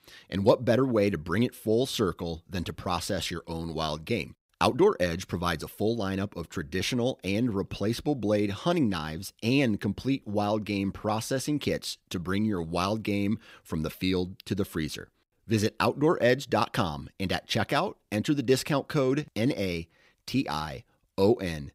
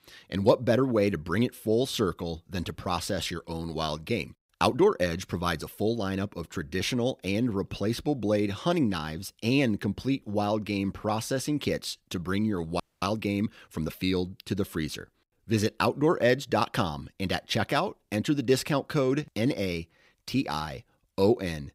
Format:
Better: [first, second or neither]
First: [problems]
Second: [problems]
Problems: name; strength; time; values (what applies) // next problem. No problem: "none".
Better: first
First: none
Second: audio freezing; at 13 s